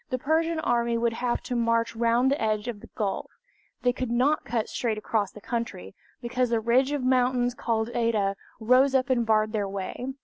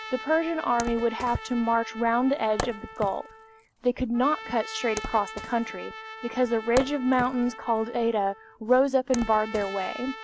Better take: first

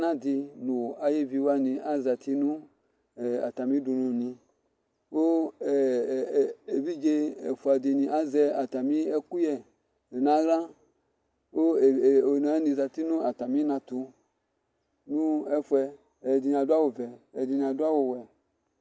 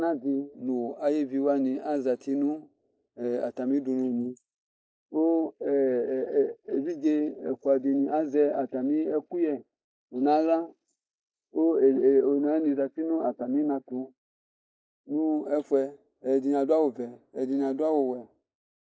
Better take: first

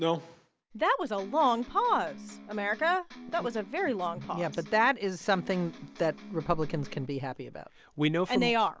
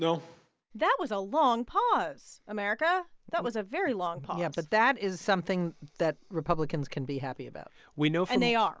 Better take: second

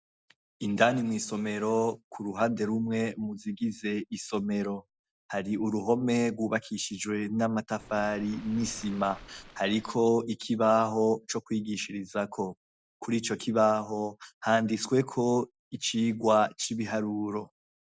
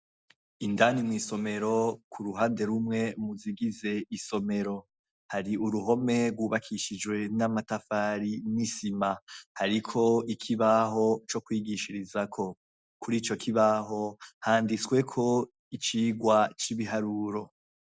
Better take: second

